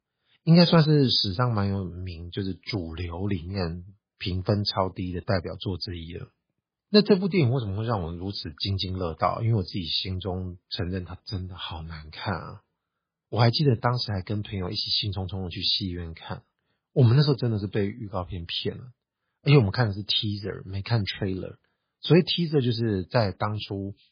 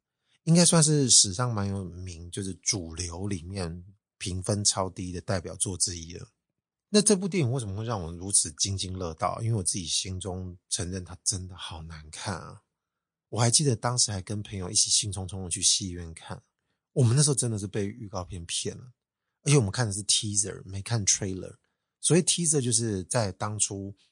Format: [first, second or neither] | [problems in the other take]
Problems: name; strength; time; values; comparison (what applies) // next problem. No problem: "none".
second | garbled, watery; badly; nothing above 5 kHz; slightly in the second